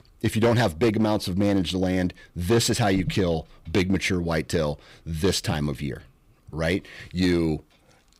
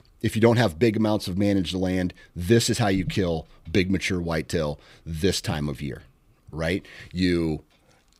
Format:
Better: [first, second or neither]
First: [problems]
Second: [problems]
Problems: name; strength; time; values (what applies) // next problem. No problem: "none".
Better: second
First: distortion; slight; 6% of the sound clipped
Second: none